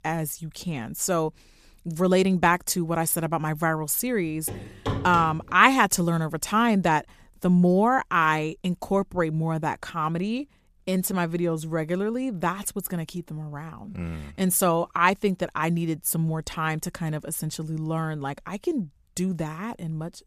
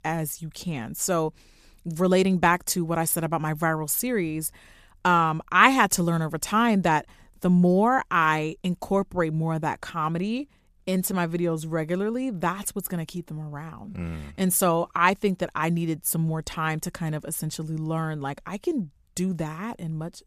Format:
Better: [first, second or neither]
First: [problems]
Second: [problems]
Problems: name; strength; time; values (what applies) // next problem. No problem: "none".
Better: second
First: footsteps; noticeable; from 4.5 to 5.5 s; peak 5 dB below the speech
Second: none